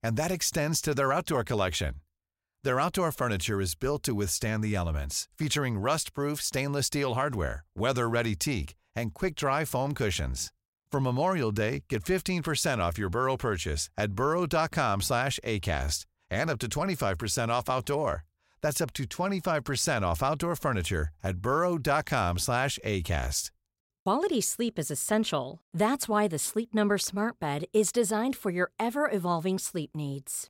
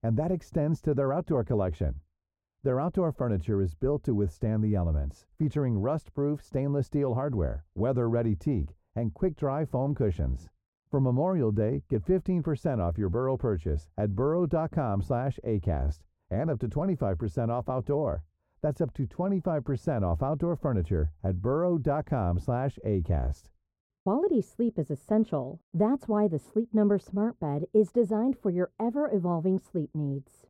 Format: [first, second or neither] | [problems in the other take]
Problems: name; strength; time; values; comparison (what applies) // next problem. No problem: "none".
first | muffled; very; fading above 1.5 kHz